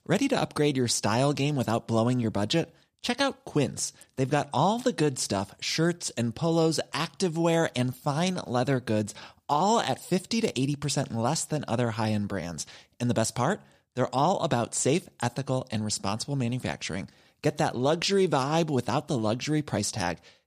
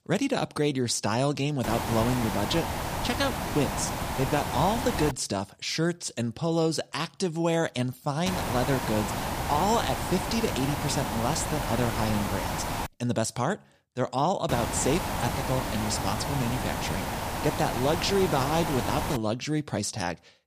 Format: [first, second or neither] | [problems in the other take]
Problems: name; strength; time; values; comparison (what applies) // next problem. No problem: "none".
first | hiss; loud; from 1.5 to 5 s, from 8.5 to 13 s and from 14 to 19 s; 3 dB below the speech